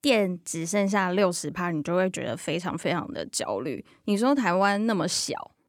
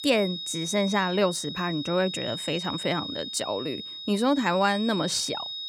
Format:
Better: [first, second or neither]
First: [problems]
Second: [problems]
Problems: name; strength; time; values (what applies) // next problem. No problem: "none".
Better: first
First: none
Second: high-pitched whine; loud; throughout; 4 kHz, 7 dB below the speech